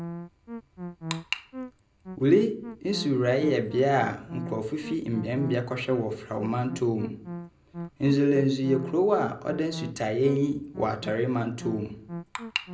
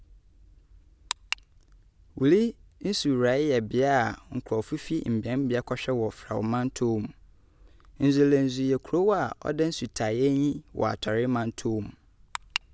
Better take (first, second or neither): second